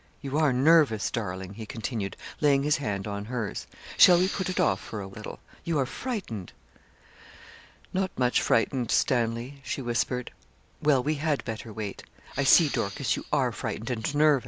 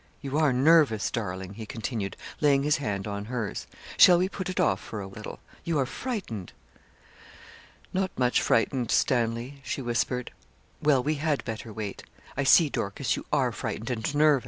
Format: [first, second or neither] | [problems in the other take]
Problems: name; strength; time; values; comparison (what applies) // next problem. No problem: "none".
second | background sound (Respiratory sounds); 10 dB below the speech